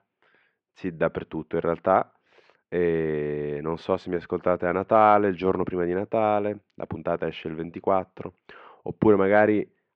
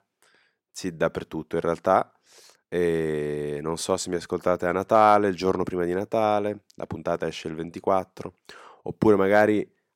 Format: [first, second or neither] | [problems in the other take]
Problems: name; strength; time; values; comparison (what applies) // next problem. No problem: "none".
second | muffled; very; fading above 3 kHz